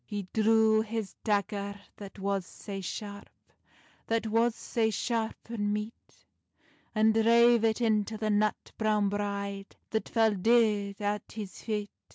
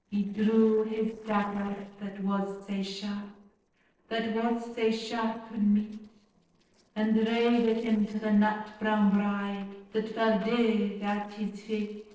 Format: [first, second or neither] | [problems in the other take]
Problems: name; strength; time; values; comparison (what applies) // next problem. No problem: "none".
first | noise reduction (neural separator model SepFormer DNS4)